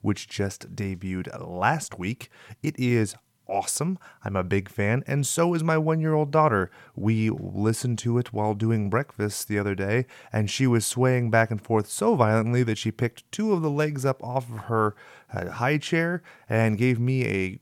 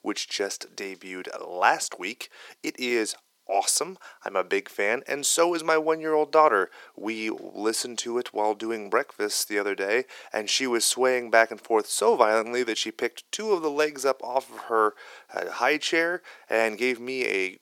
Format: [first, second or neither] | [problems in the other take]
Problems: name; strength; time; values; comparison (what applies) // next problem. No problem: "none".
first | thin; very; fading below 350 Hz